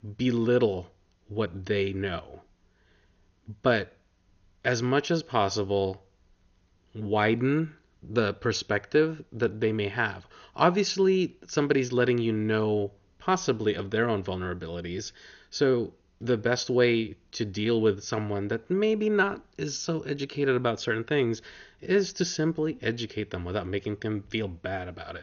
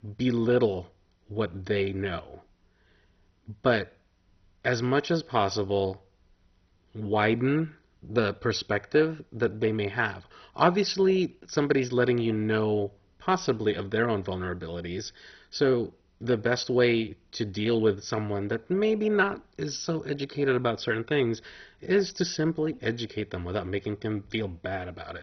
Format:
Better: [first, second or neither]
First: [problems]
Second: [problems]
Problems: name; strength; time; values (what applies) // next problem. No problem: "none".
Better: first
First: garbled, watery; slightly; nothing above 6.5 kHz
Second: garbled, watery; badly; nothing above 6 kHz